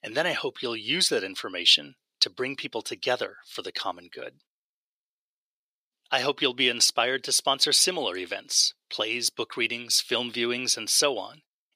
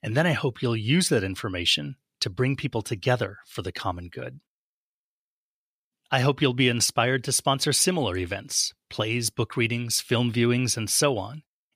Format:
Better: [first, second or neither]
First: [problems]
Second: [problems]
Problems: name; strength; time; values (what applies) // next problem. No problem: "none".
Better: second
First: thin; somewhat; fading below 400 Hz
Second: none